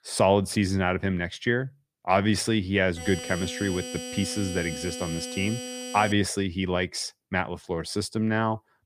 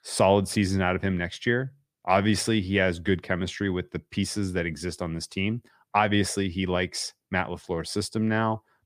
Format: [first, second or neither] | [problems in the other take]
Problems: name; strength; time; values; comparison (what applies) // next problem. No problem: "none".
second | alarm; noticeable; from 3 to 6 s; peak 8 dB below the speech